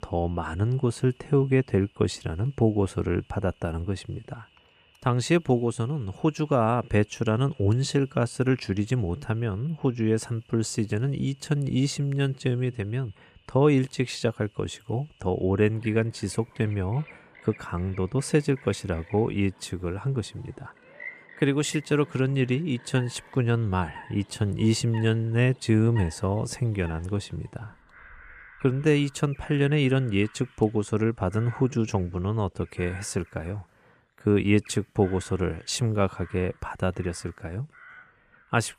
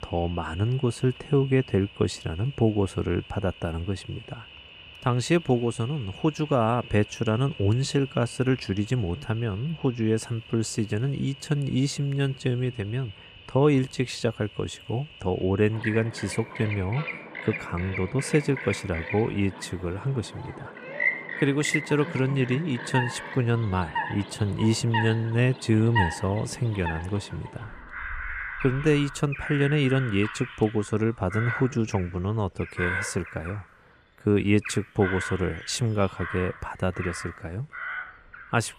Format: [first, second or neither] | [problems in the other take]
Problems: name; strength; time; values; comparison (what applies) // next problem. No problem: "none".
first | animal sounds; loud; throughout; 10 dB below the speech; faint in the first